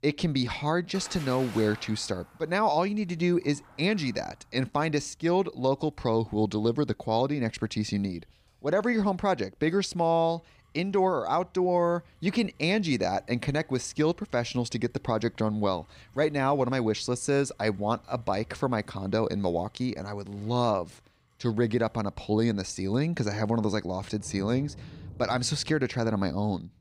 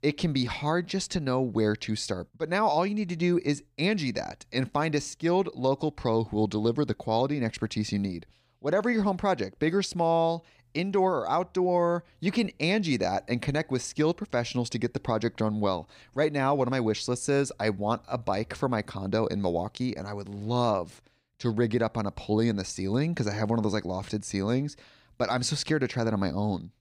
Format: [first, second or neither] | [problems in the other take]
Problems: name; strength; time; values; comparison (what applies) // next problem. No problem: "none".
second | rain or running water; faint; throughout; 20 dB below the speech